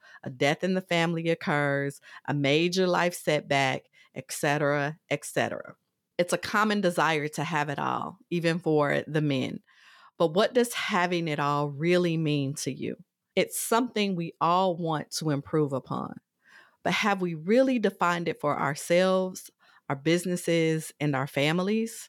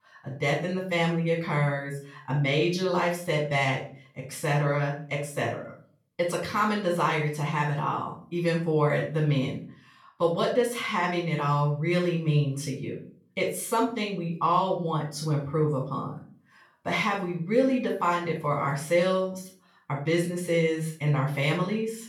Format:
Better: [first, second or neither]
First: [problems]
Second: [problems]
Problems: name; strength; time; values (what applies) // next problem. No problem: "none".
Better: first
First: none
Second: room echo; slight; dies away in 0.4 s // off-mic speech; far